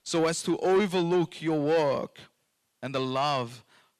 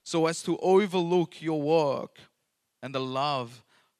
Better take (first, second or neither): second